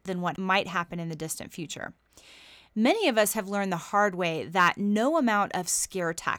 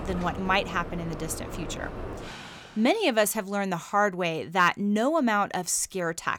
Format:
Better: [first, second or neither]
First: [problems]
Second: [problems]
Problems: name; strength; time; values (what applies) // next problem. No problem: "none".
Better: first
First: none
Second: train or aircraft noise; noticeable; until 2.5 s; 10 dB below the speech